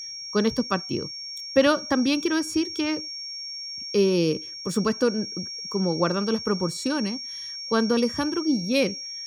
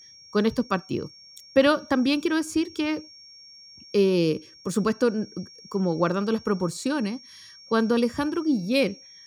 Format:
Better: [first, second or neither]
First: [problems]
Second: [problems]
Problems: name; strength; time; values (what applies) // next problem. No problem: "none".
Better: second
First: high-pitched whine; loud; throughout; 5.5 kHz, 8 dB below the speech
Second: high-pitched whine; faint; throughout; 5.5 kHz, 20 dB below the speech